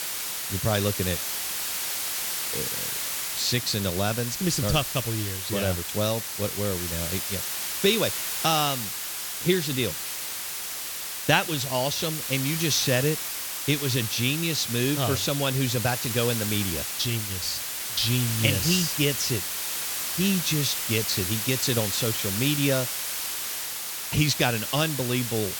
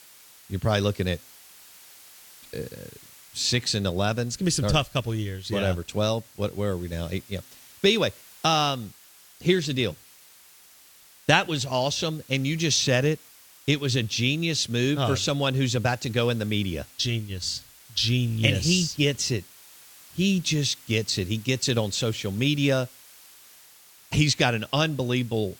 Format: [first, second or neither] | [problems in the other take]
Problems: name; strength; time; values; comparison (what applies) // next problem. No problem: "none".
second | hiss; loud; throughout; 2 dB below the speech; faint in the second